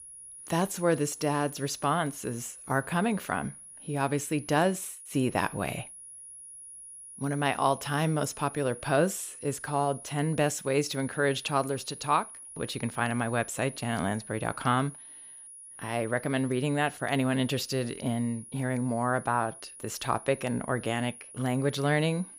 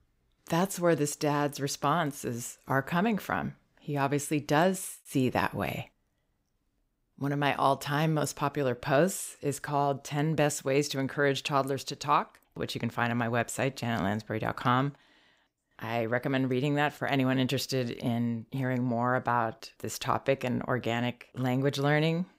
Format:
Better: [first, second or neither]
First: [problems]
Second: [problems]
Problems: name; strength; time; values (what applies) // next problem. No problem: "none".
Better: second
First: high-pitched whine; noticeable; throughout; 10.5 kHz, 15 dB below the speech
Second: none